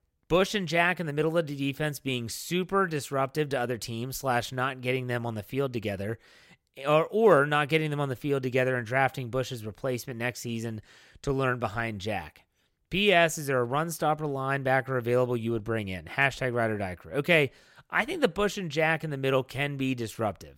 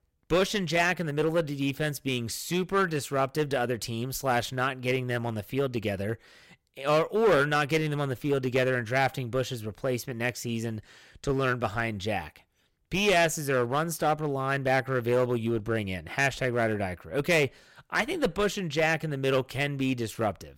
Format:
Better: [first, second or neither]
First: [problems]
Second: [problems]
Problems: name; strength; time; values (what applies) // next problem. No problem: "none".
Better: first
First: none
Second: distortion; slight; 5% of the sound clipped